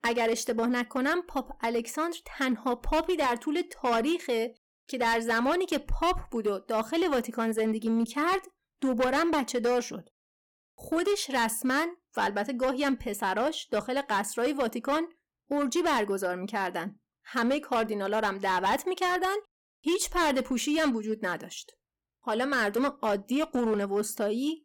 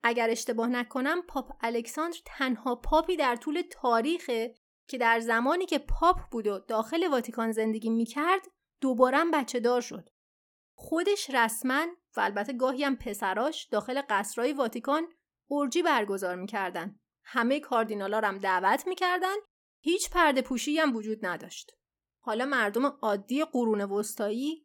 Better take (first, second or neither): second